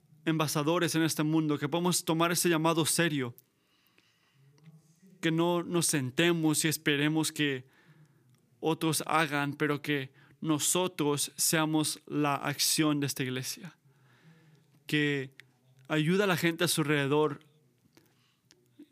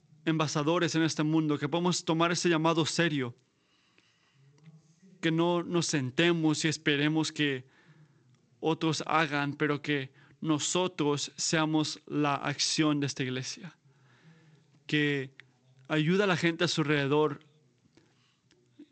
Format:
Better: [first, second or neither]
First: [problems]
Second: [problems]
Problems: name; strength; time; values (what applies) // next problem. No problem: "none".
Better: first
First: none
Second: garbled, watery; slightly; nothing above 8 kHz